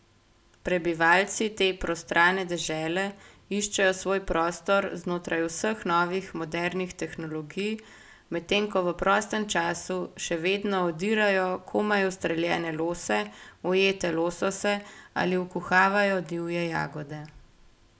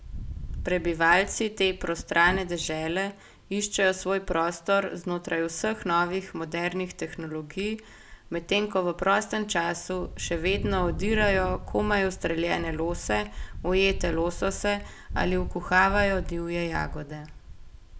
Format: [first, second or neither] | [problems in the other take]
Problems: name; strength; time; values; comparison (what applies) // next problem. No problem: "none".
first | background sound (Wind); 10 dB below the speech